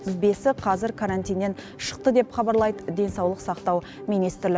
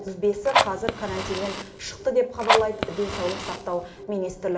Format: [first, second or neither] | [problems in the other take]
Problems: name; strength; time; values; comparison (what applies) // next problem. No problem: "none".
first | background sound (Fire); as loud as the speech // room echo; dies away in 0.6 s